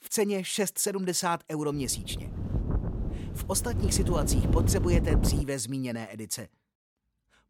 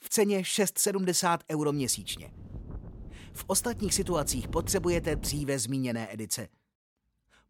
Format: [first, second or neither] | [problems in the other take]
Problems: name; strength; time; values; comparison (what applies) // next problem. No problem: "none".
second | wind noise on the microphone; heavy; from 1.5 to 5.5 s; 7 dB below the speech; occasional gusts in the second